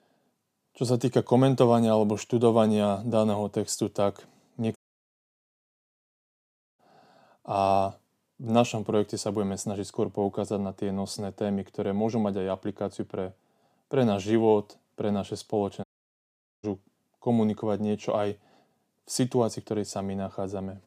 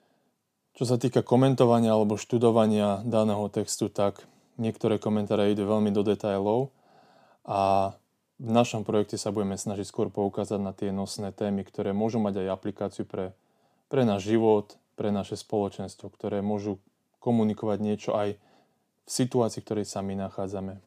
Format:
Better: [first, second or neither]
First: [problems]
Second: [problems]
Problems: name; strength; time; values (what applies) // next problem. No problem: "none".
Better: second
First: audio cutting out; at 5 s for 2 s and at 16 s for 1 s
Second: none